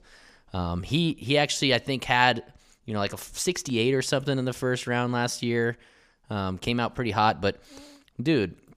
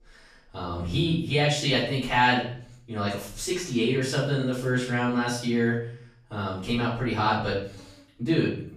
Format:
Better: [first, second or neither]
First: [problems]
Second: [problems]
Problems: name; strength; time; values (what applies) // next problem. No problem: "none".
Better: first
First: none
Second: off-mic speech; far // room echo; noticeable; dies away in 0.5 s